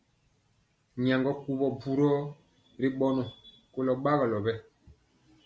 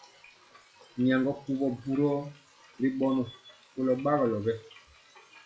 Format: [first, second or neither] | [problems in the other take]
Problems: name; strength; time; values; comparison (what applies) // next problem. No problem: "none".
first | noise reduction (classical method WPE with log-MMSE)